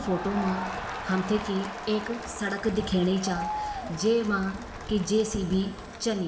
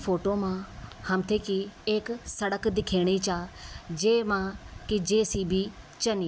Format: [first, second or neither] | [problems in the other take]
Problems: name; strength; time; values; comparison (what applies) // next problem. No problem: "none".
second | background sound (Crowd); 8 dB below the speech // room echo; dies away in 0.9 s